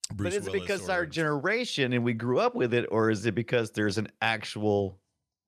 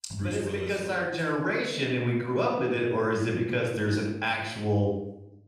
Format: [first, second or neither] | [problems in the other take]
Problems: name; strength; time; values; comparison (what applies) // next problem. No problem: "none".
first | off-mic speech; far // room echo; noticeable; dies away in 0.7 s